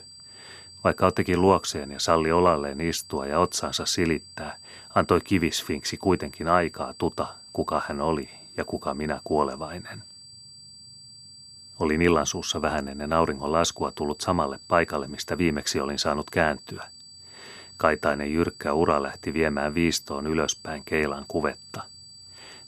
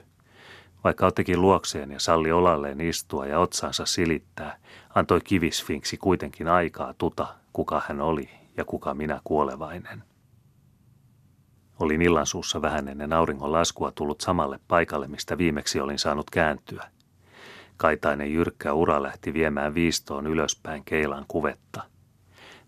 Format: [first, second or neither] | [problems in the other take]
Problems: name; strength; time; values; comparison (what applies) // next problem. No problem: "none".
second | high-pitched whine; noticeable; throughout; 4.5 kHz, 20 dB below the speech